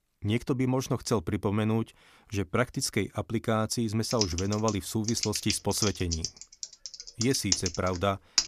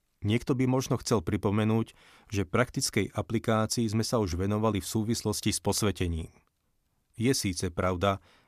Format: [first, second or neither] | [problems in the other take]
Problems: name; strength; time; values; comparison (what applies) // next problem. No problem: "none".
second | keyboard typing; loud; from 4 s on; peak 2 dB above the speech